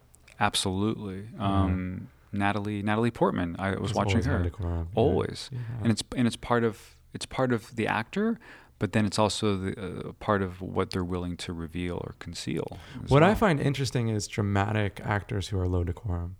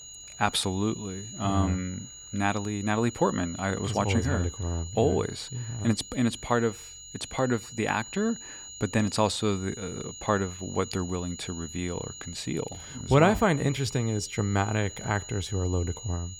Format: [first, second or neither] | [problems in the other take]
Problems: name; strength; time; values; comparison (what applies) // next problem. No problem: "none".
first | high-pitched whine; noticeable; throughout; 7 kHz, 10 dB below the speech